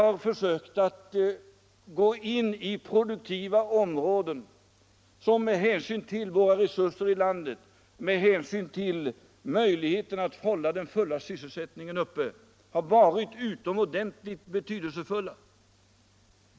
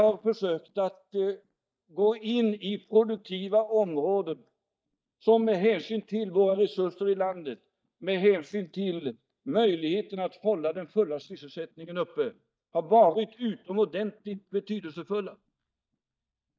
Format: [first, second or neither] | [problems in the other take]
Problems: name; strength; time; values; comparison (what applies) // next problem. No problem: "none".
first | noise reduction (neural mask model DeepFilterNet 3)